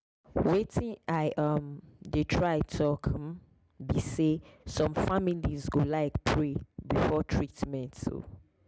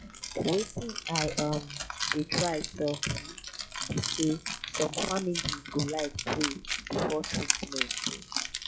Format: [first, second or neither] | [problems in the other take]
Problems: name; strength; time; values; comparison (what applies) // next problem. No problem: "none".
first | noise reduction (classical method log-MMSE)